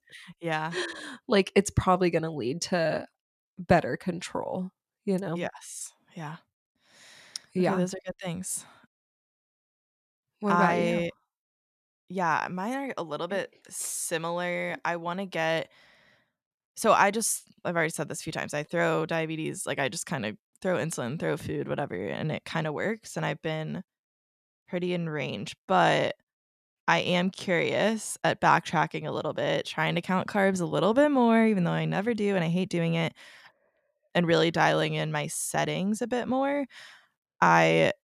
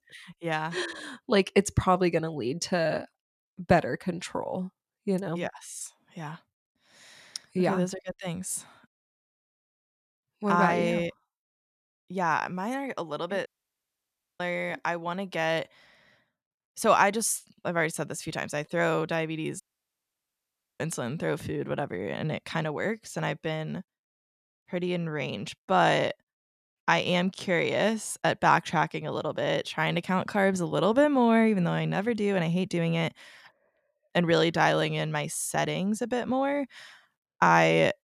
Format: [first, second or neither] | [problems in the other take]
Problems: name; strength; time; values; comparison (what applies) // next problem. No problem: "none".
first | audio cutting out; at 13 s for 1 s and at 20 s for 1 s